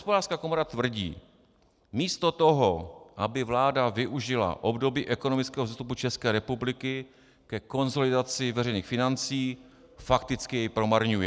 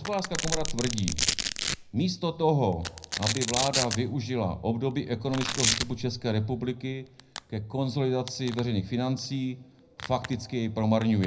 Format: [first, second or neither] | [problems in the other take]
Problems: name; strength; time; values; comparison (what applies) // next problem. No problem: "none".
first | background sound (Domestic sounds, home sounds); 6 dB below the speech // room echo; dies away in 0.4 s